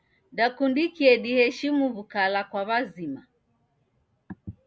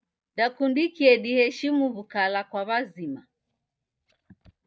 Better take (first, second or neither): first